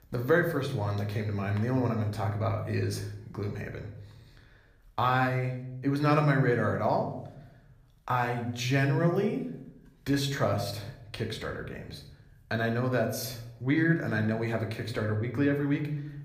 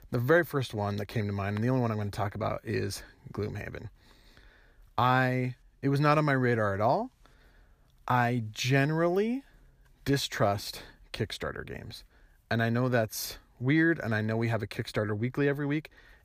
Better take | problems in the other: second | room echo; slight; dies away in 0.6 s

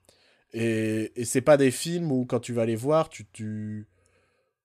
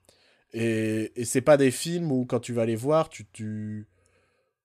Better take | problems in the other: neither | none

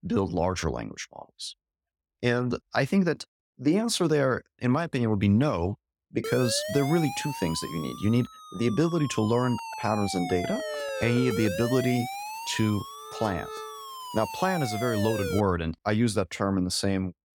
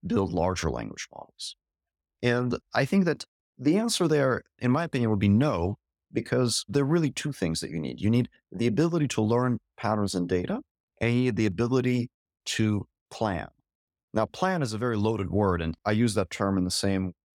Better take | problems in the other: second | siren; noticeable; from 6 to 15 s; peak 4 dB below the speech

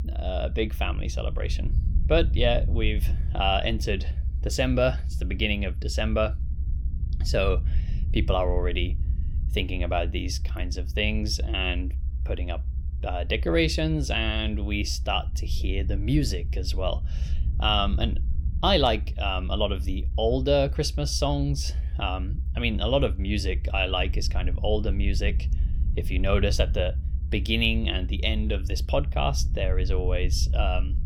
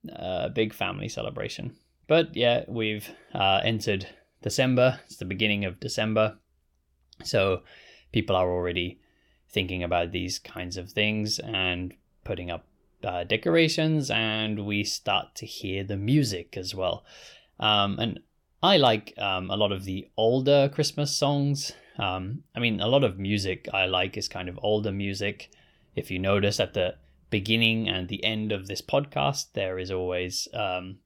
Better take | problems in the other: second | low rumble; noticeable; throughout; 20 dB below the speech

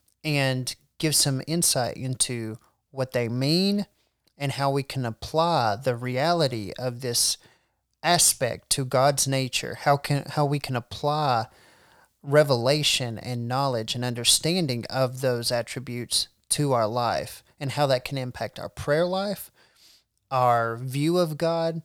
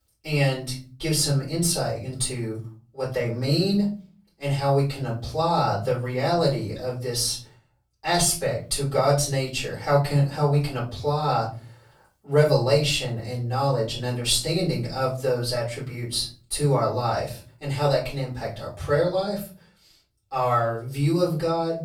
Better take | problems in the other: first | off-mic speech; far // room echo; slight; dies away in 0.4 s

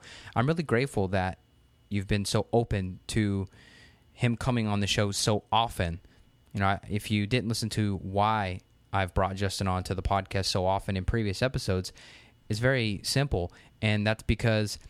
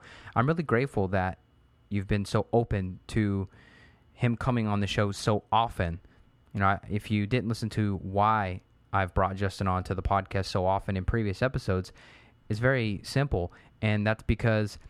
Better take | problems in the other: first | muffled; slightly; fading above 3 kHz

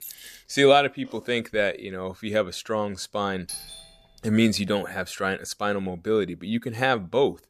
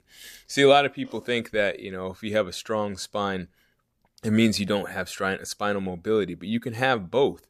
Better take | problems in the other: second | jangling keys; faint; at the start; peak 15 dB below the speech // doorbell; noticeable; at 3.5 s; peak 10 dB below the speech

